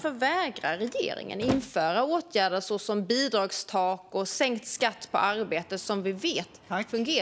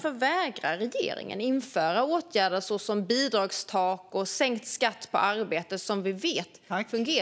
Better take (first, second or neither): second